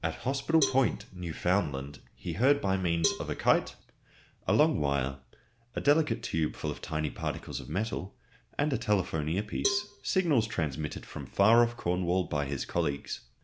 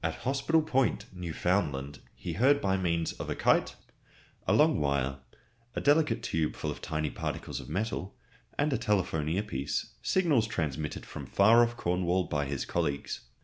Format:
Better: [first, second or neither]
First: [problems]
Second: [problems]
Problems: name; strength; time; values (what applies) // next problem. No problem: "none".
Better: second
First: background sound (Cowbell); 11 dB below the speech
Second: none